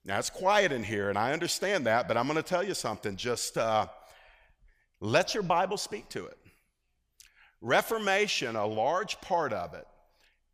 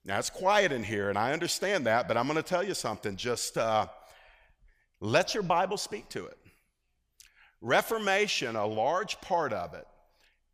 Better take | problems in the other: neither | none

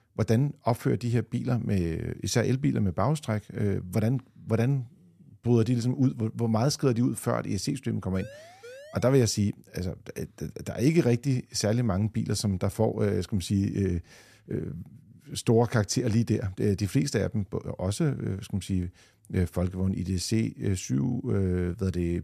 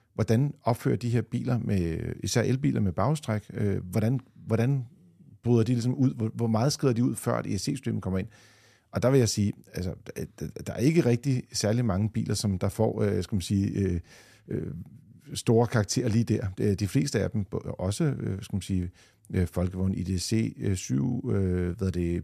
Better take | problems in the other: second | siren; faint; at 8 s; peak 20 dB below the speech

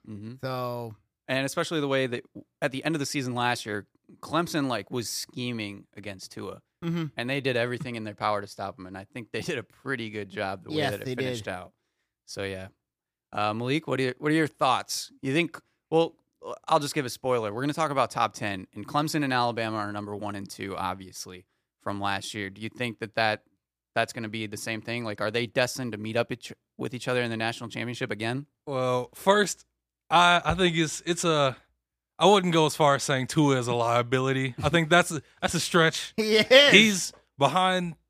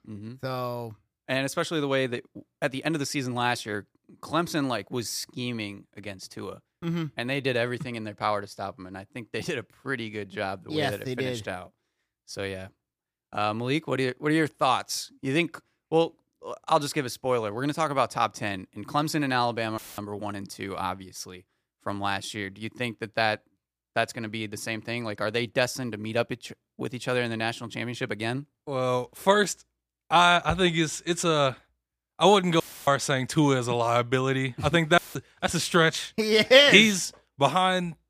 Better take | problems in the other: first | audio cutting out; filled with static; at 20 s, at 33 s and at 35 s

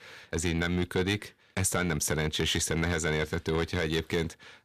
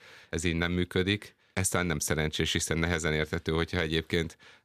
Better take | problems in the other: second | distortion; slight; 10 dB below the speech

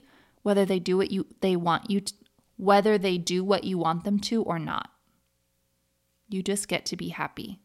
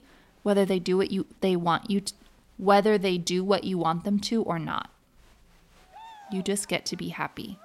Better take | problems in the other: first | crowd noise; faint; throughout; 30 dB below the speech

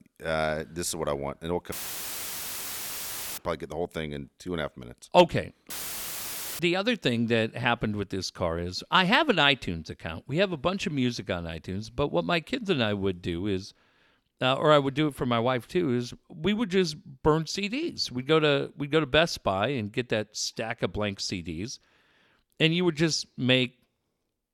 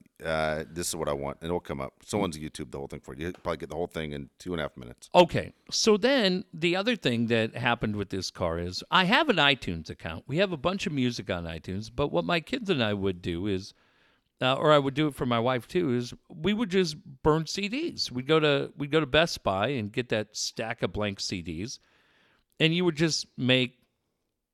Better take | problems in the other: second | audio cutting out; filled with static; at 1.5 s for 1.5 s and at 5.5 s for 1 s

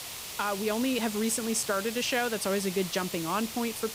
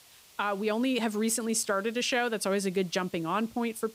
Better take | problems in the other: second | hiss; loud; throughout; 7 dB below the speech; faint in the second

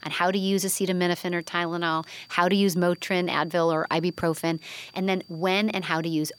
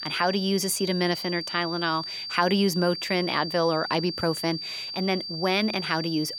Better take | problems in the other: first | high-pitched whine; loud; throughout; 4.5 kHz, 6 dB below the speech; faint in the first

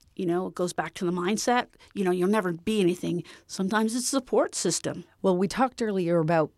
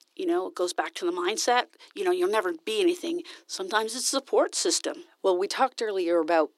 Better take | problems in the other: first | thin; very; fading below 300 Hz

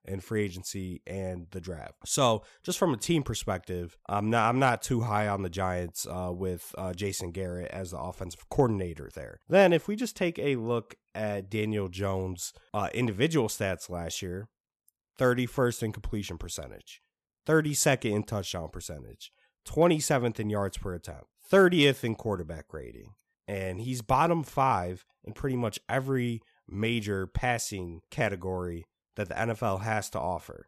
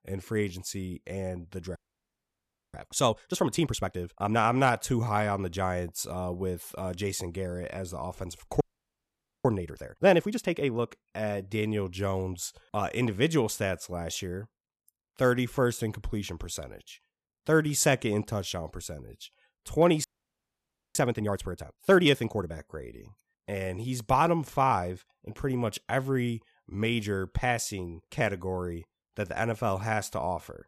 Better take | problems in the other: first | audio freezing; at 2 s for 1 s, at 8.5 s for 1 s and at 20 s for 1 s

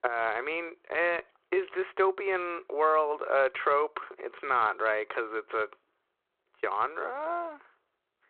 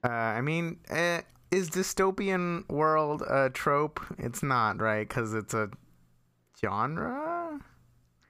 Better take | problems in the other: second | phone-call audio; nothing above 4 kHz

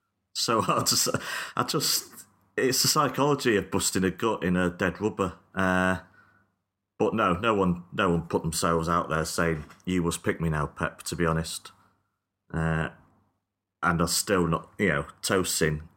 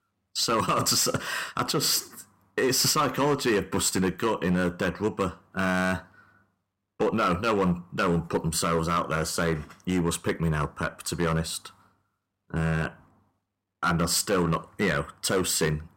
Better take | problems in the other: first | distortion; slight; 5% of the sound clipped

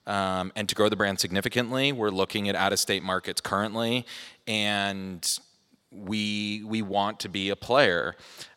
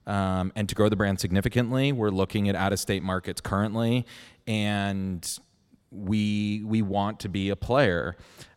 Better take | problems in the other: second | thin; very slightly; fading below 1 kHz

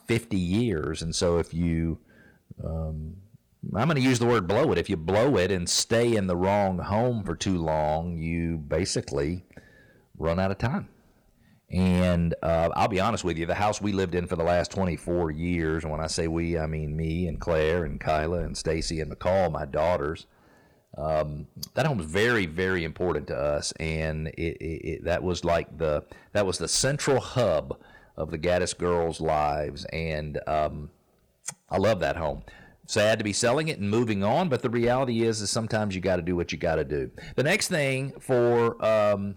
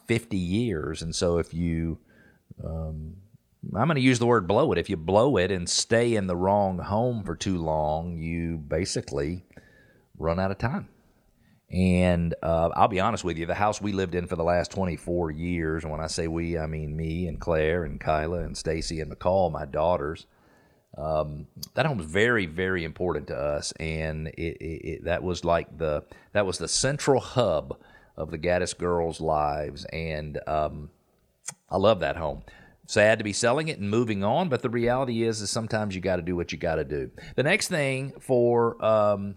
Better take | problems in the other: second | distortion; slight; 5% of the sound clipped

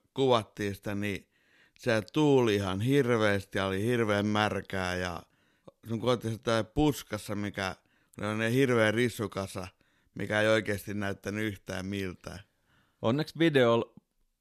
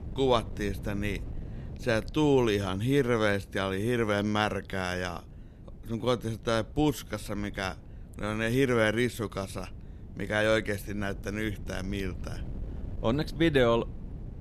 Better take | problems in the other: first | wind noise on the microphone; occasional gusts; 25 dB below the speech

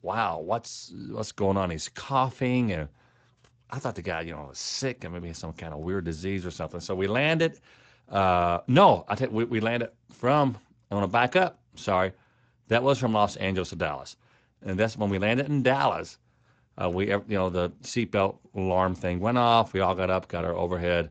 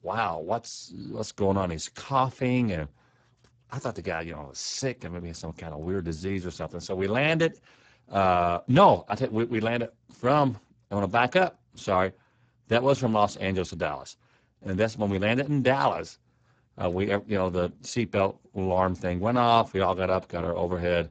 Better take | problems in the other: first | garbled, watery; badly; nothing above 7.5 kHz; slightly in the first

